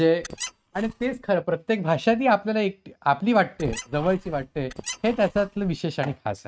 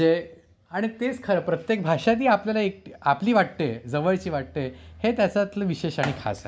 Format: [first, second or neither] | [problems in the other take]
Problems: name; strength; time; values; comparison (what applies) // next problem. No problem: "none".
second | noise reduction (neural mask model RNNoise)